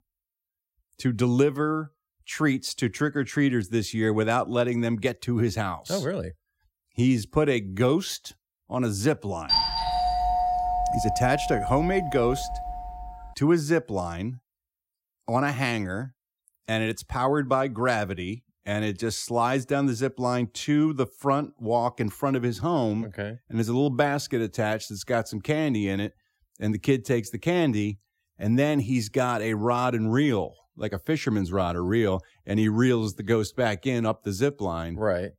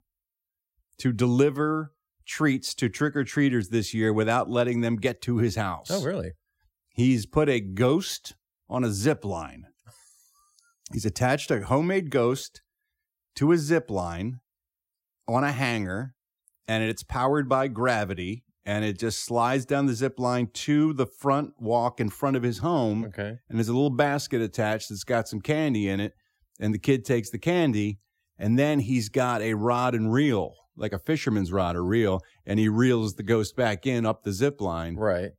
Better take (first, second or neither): second